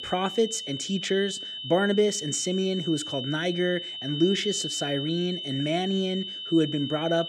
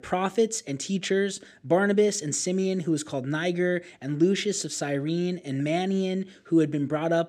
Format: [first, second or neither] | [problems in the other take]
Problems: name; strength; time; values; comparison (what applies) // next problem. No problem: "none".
second | high-pitched whine; loud; throughout; 3 kHz, 6 dB below the speech